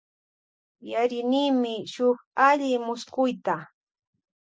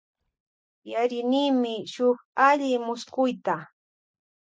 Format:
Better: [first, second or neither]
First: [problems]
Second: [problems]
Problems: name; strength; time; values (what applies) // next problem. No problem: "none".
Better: first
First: none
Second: noise reduction (neural mask model DeepFilterNet 3)